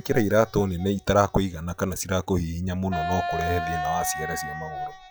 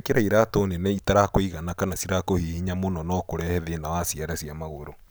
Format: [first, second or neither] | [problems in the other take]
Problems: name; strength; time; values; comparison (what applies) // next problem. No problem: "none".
second | noise reduction (classical method log-MMSE)